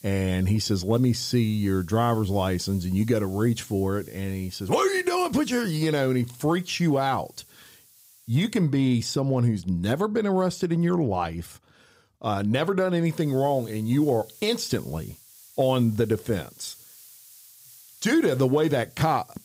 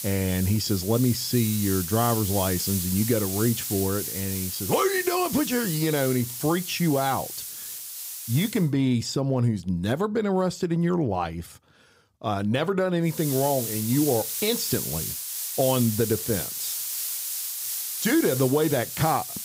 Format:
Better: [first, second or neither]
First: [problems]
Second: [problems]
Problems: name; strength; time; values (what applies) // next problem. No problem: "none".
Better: first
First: hiss; faint; until 8.5 s and from 13 s on; 25 dB below the speech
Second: hiss; loud; until 8.5 s and from 13 s on; 4 dB below the speech